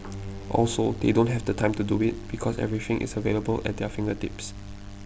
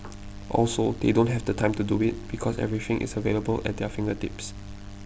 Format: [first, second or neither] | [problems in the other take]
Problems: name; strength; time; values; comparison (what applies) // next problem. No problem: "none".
second | background sound (Bowed string instrument); 19 dB below the speech